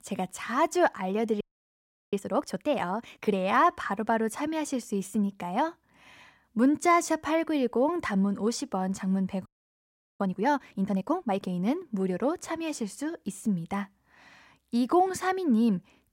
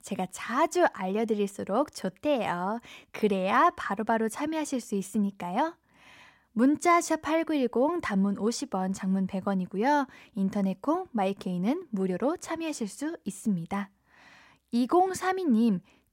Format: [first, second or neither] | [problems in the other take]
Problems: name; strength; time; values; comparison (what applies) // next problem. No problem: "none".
second | audio freezing; at 1.5 s for 0.5 s and at 9.5 s for 0.5 s